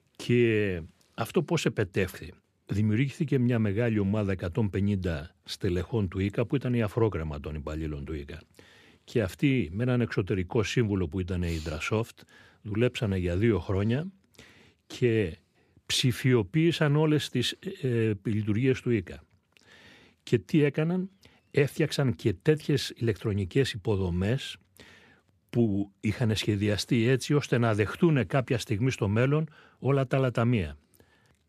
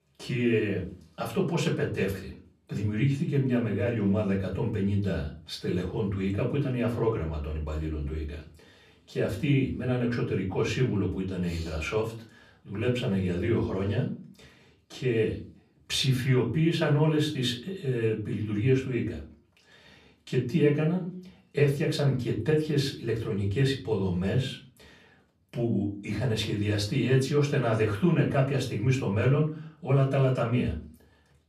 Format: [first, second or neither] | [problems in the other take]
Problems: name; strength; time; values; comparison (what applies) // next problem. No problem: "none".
first | off-mic speech; far // room echo; very slight; dies away in 0.3 s